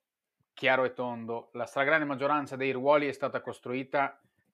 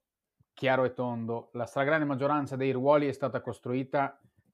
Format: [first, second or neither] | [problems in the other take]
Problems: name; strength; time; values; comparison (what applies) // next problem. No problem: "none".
second | thin; very slightly; fading below 600 Hz